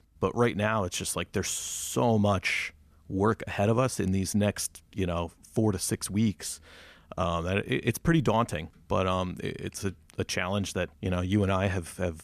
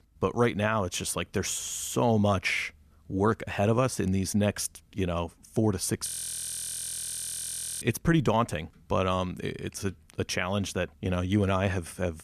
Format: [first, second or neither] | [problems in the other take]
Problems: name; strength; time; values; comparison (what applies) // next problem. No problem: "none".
first | audio freezing; at 6 s for 1.5 s